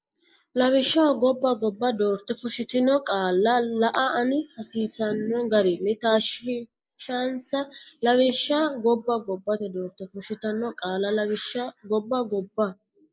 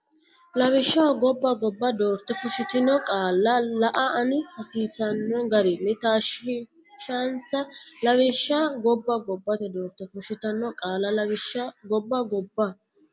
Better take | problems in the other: second | noise reduction (neural mask model Resemble Enhance denoiser)

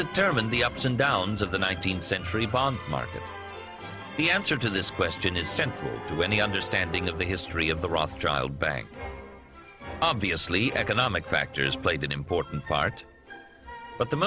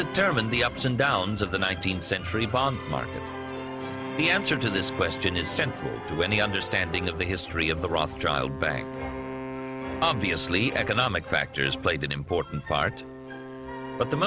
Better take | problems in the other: first | background sound (Wind instrument, woodwind instrument); 11 dB below the speech

